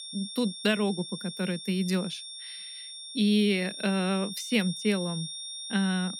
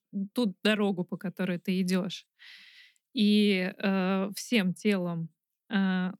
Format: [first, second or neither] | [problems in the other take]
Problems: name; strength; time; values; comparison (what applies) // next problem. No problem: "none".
second | high-pitched whine; loud; throughout; 3.5 kHz, 9 dB below the speech